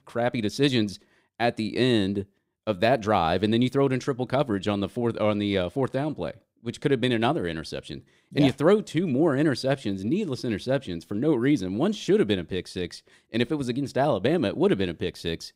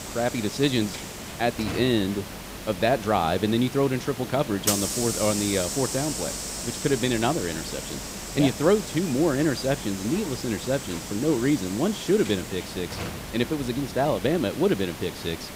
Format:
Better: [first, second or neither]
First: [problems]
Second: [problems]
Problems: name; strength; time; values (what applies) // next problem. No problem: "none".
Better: first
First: none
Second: hiss; loud; throughout; 7 dB below the speech